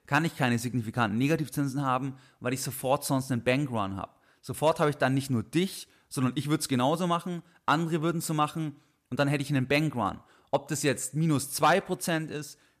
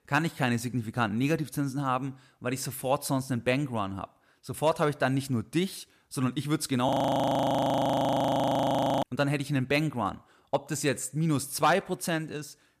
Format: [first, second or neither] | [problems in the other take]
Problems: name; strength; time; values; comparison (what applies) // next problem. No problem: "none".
first | audio freezing; at 7 s for 2 s